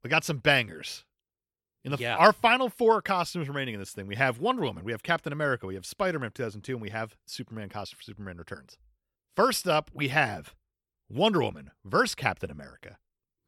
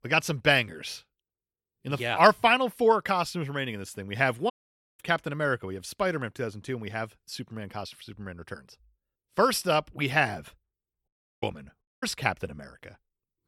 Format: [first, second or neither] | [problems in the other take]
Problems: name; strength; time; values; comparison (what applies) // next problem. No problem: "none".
first | audio cutting out; at 4.5 s, at 11 s and at 12 s